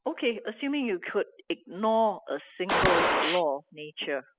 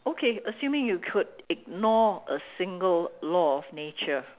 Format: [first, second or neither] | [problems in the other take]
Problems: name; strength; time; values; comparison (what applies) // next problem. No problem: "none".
second | noise reduction (classical method spectral subtraction)